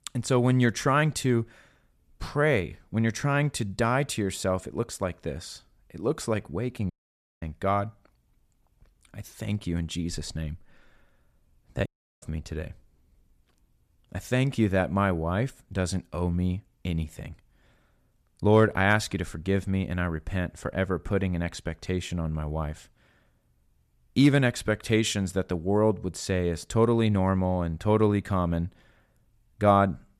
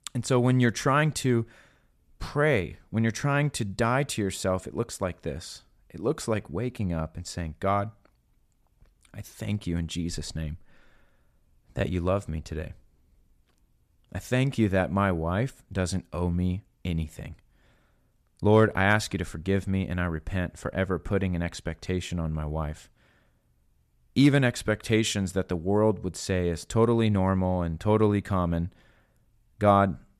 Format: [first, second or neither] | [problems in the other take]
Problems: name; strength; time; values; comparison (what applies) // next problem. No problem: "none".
second | audio cutting out; at 7 s for 0.5 s and at 12 s